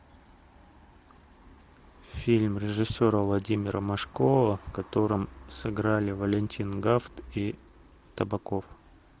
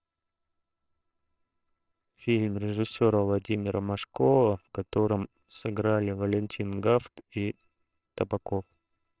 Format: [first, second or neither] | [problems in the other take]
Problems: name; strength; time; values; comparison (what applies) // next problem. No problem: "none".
first | noise reduction (neural separator model SepFormer WHAMR!)